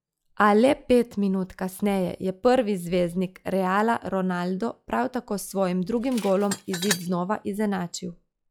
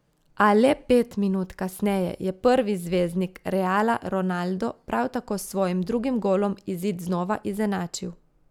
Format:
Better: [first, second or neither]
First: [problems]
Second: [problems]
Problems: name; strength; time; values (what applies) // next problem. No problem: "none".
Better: second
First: noise reduction (classical method log-MMSE)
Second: none